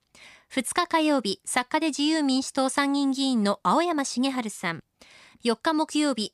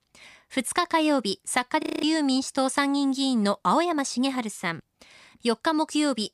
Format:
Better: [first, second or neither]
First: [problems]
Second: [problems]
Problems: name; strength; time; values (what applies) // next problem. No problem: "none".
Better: first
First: none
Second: audio freezing; at 2 s